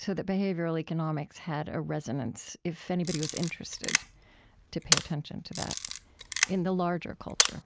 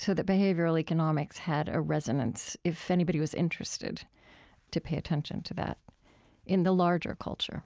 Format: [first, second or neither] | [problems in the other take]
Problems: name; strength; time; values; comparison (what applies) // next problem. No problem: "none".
second | background sound (Camera); 1 dB above the speech